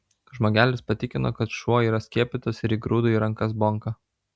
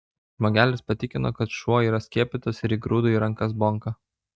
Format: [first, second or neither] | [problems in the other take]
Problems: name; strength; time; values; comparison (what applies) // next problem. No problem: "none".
first | noise reduction (neural mask model DeepFilterNet 3)